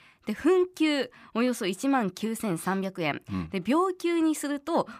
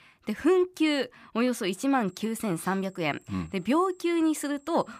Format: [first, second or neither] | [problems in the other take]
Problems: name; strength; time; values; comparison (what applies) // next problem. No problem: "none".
first | high-pitched whine; faint; from 2 s on; 7.5 kHz, 35 dB below the speech